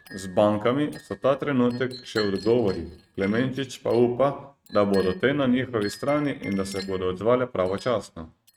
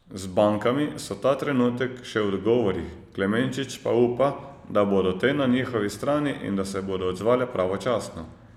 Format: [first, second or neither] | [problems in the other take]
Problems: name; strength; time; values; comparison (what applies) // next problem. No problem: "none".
second | noise reduction (neural mask model RNNoise)